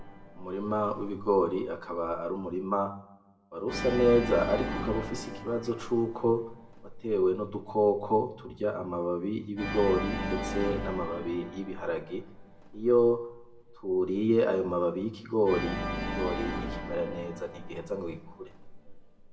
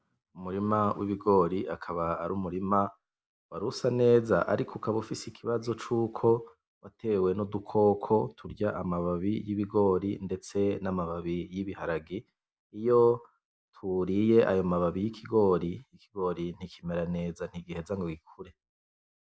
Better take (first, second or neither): second